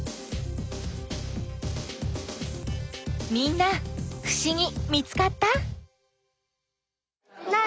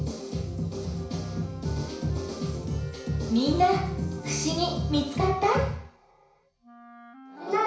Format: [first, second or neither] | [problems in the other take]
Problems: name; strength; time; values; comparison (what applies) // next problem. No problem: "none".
first | background sound (Wind instrument, woodwind instrument); 19 dB below the speech // room echo; dies away in 0.6 s